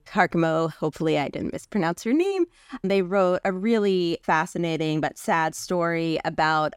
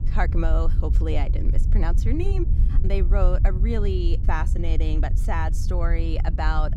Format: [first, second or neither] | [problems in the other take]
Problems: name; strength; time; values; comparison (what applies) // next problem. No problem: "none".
first | low rumble; noticeable; throughout; 10 dB below the speech